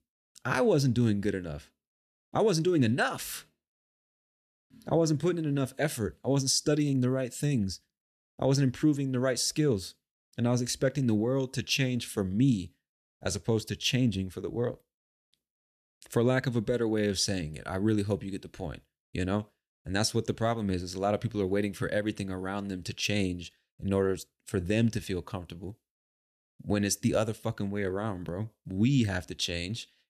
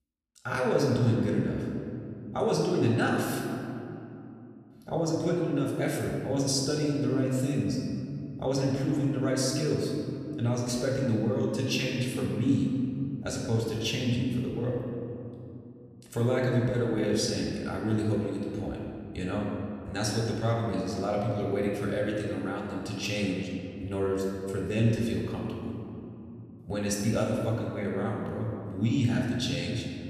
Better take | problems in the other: first | room echo; noticeable; dies away in 2.5 s // off-mic speech; somewhat distant

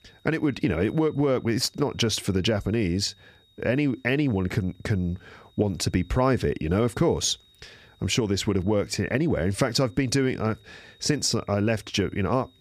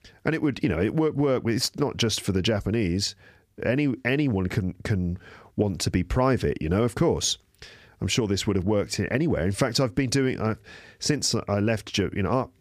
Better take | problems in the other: second | high-pitched whine; faint; throughout; 4 kHz, 35 dB below the speech

